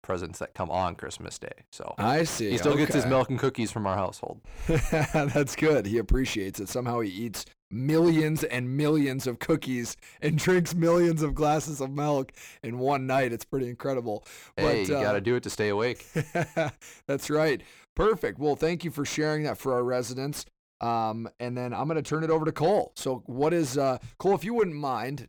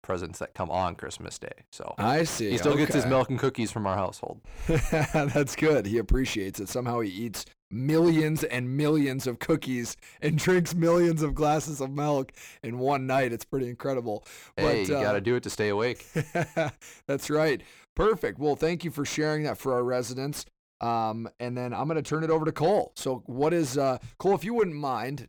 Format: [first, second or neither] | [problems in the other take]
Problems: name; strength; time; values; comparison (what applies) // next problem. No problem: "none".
neither | distortion; slight; 10 dB below the speech; the same in both